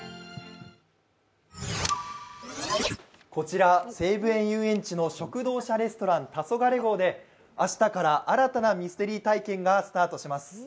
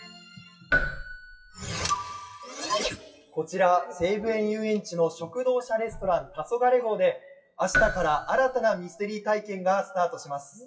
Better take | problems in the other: first | noise reduction (classical method WPE with log-MMSE)

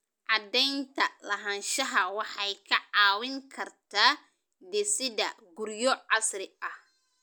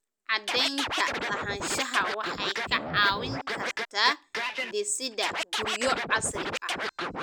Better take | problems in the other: first | background sound (Scratching (performance technique)); 2 dB below the speech

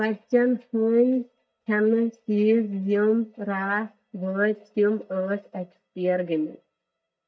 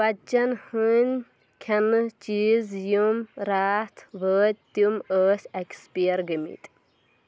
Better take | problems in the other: second | noise reduction (neural mask model DeepFilterNet 3)

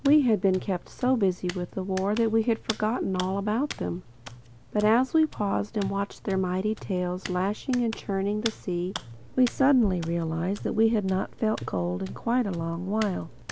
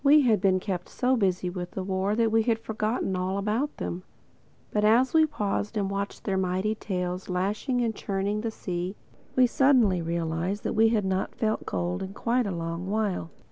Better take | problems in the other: second | background sound (Hands); 16 dB below the speech

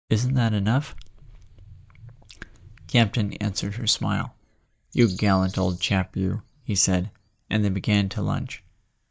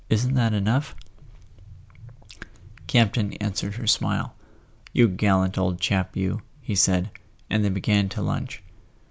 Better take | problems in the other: second | noise reduction (neural mask model DeepFilterNet 3)

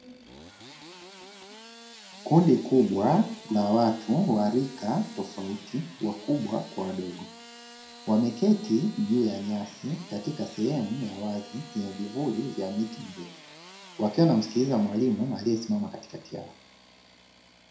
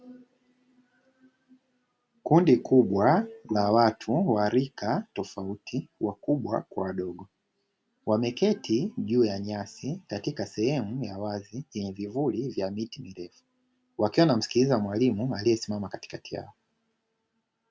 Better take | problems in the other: second | background sound (Engine starting / Sawing); 20 dB below the speech // room echo; dies away in 0.4 s

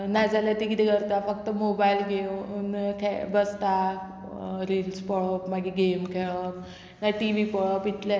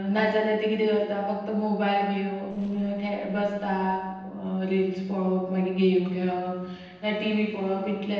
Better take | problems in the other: first | noise reduction (neural separator model SepFormer DNS4)

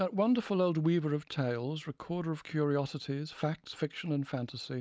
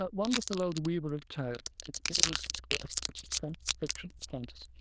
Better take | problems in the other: first | noise reduction (neural diffusion model UNIVERSE++)

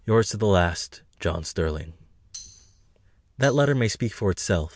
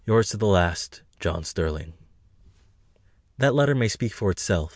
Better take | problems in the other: second | background sound (Tambourine); 20 dB below the speech

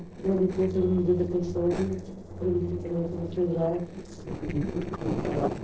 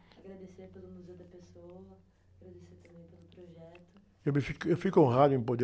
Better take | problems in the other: second | noise reduction (neural separator model SepFormer DNS4)

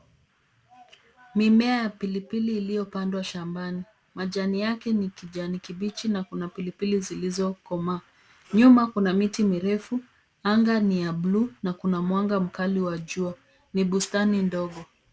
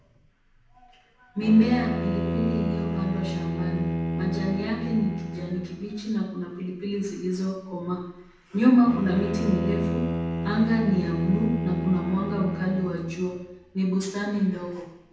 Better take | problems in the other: first | background sound (Bowed string instrument); 5 dB below the speech // room echo; dies away in 0.8 s

